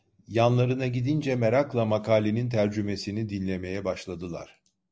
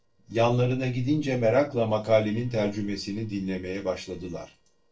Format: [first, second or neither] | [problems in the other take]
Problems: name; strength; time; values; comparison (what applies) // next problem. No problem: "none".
first | noise reduction (neural separator model SepFormer DNS4)